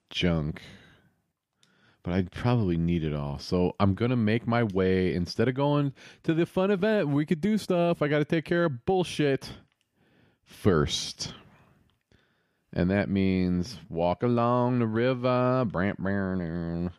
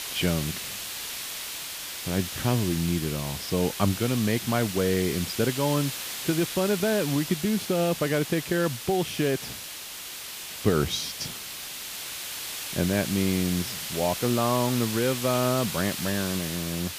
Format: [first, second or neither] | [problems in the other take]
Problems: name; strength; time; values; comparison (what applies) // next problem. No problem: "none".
first | hiss; loud; throughout; 6 dB below the speech